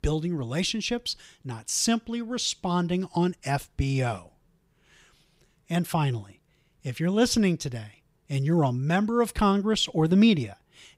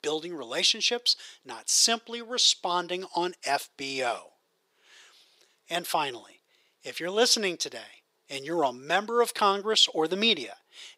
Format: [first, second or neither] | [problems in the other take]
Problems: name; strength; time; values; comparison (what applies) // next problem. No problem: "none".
first | thin; very; fading below 400 Hz